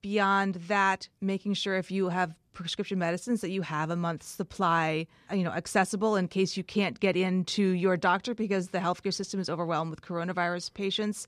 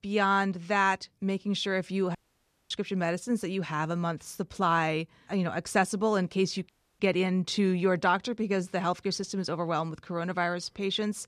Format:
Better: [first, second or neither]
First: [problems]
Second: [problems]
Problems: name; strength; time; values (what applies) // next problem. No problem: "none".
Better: first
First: none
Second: audio cutting out; at 2 s for 0.5 s and at 6.5 s